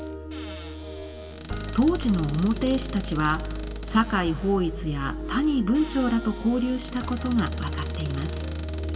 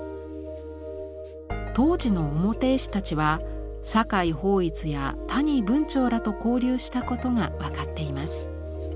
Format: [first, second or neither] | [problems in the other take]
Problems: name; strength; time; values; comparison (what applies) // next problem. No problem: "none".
second | background sound (Squeak / Cupboard open or close); 17 dB below the speech // room echo; dies away in 1.6 s